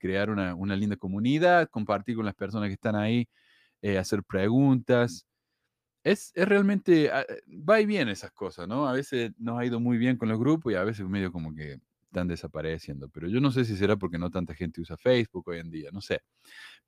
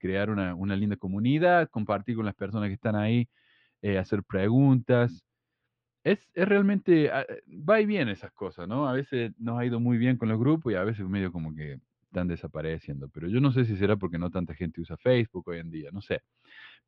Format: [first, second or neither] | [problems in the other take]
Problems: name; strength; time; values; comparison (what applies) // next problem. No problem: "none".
first | muffled; slightly; fading above 3.5 kHz